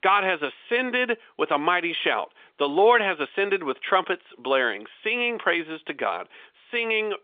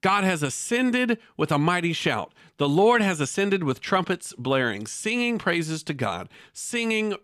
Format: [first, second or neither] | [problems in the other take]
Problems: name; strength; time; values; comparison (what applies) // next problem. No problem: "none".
second | phone-call audio; nothing above 3.5 kHz